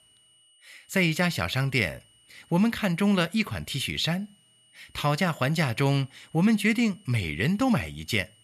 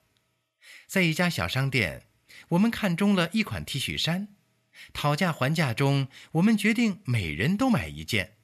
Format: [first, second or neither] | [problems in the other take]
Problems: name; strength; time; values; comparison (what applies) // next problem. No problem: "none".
second | high-pitched whine; faint; throughout; 3 kHz, 30 dB below the speech